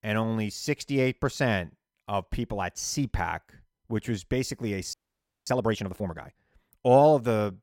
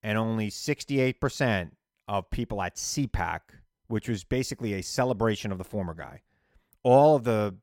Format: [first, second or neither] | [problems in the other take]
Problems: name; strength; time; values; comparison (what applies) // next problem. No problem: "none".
second | audio freezing; at 5 s for 0.5 s